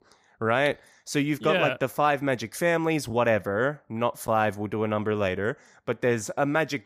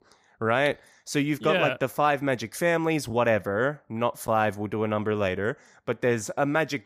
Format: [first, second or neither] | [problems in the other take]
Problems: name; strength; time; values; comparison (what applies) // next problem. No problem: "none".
neither | none